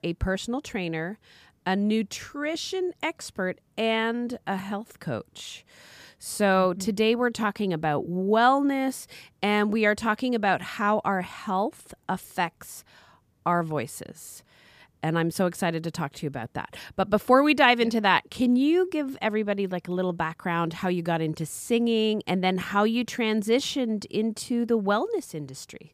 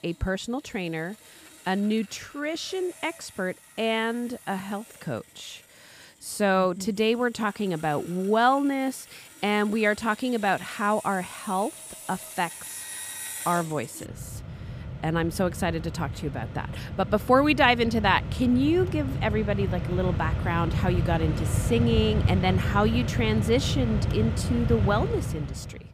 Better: first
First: none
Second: machinery noise; loud; throughout; 4 dB below the speech

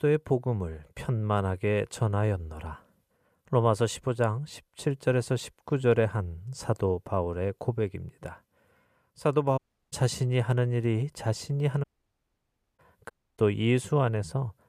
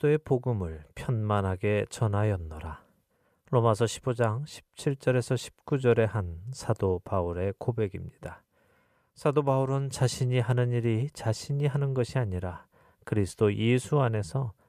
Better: second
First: audio cutting out; at 9.5 s, at 12 s for 1 s and at 13 s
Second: none

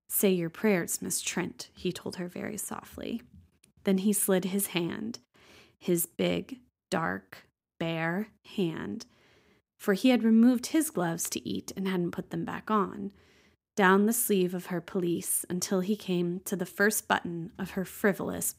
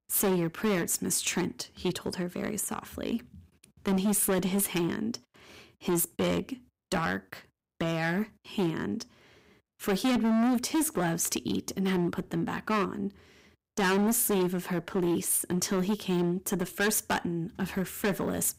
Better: first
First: none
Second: distortion; heavy; 11% of the sound clipped

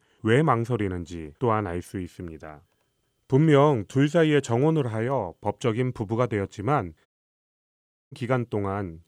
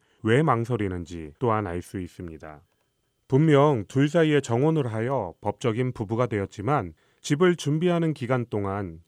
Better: second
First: audio cutting out; at 7 s for 1 s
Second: none

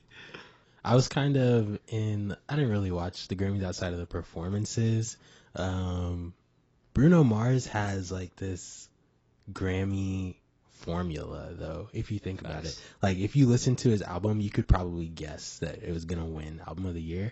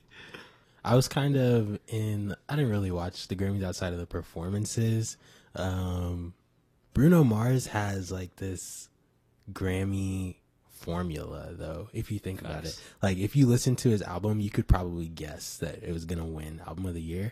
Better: second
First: garbled, watery; badly; nothing above 7.5 kHz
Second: garbled, watery; slightly

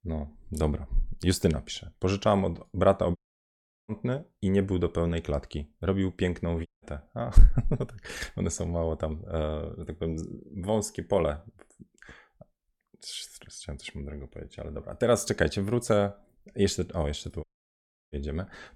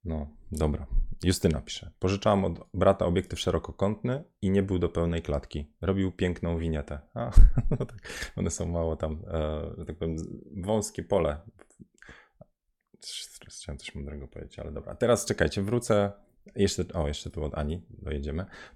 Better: second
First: audio cutting out; at 3 s for 0.5 s, at 6.5 s and at 17 s for 0.5 s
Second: none

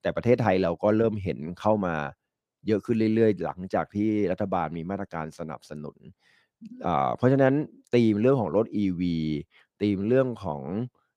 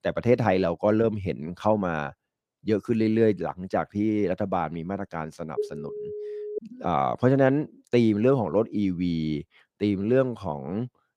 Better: first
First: none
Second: phone ringing; noticeable; from 5.5 to 6.5 s; peak 8 dB below the speech

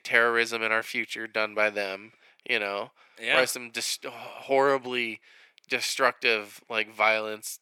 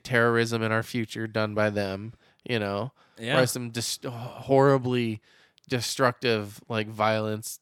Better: second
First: thin; somewhat; fading below 400 Hz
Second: none

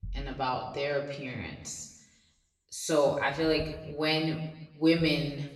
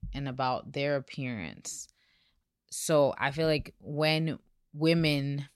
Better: second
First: room echo; slight; dies away in 0.9 s // off-mic speech; far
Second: none

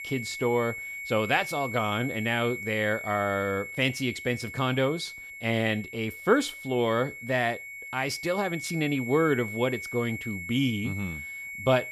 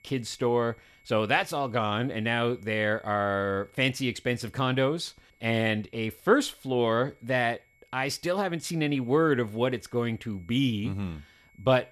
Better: second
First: high-pitched whine; loud; throughout; 2 kHz, 8 dB below the speech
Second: high-pitched whine; faint; throughout; 2 kHz, 35 dB below the speech

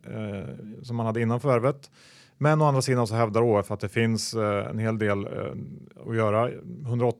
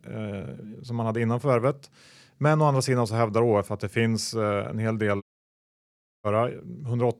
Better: first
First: none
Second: audio cutting out; at 5 s for 1 s

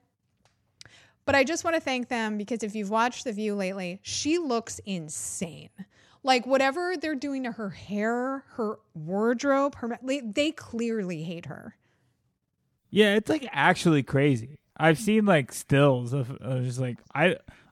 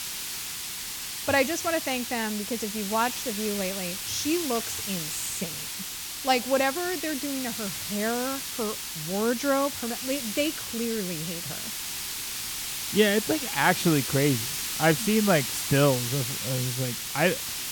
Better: first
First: none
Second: hiss; loud; throughout; 3 dB below the speech

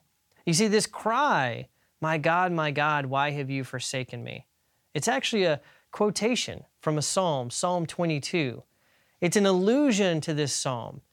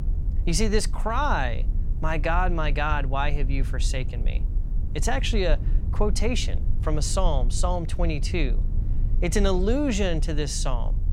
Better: first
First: none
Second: low rumble; noticeable; throughout; 20 dB below the speech

